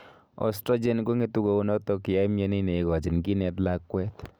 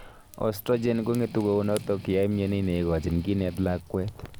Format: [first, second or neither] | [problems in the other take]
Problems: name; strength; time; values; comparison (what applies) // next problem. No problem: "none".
first | background sound (Fire / Rain + Strum); 16 dB below the speech